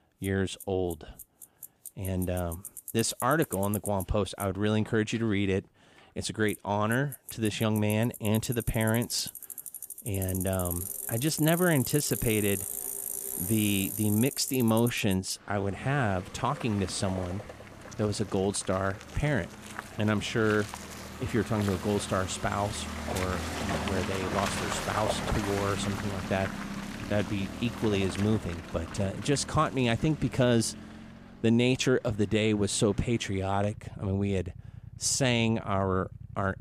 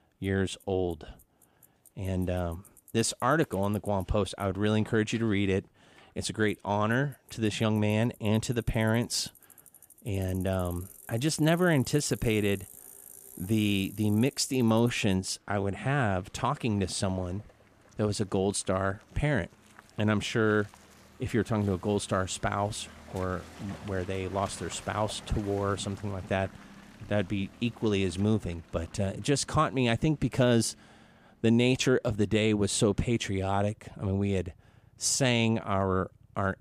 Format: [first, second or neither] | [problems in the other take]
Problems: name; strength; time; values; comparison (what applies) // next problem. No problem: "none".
second | traffic noise; loud; throughout; 8 dB below the speech; faint in the second